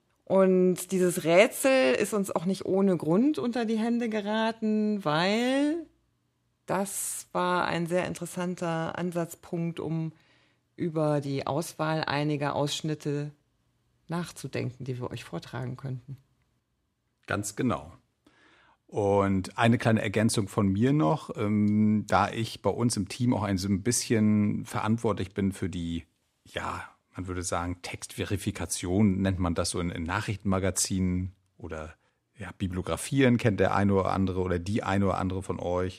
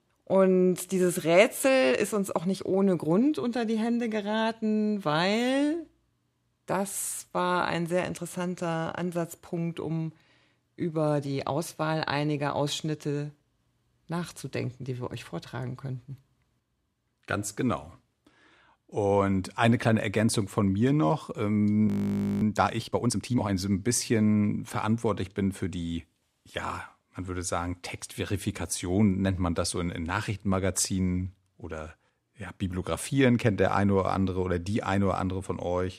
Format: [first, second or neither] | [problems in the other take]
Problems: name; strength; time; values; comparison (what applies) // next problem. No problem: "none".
first | audio freezing; at 22 s for 0.5 s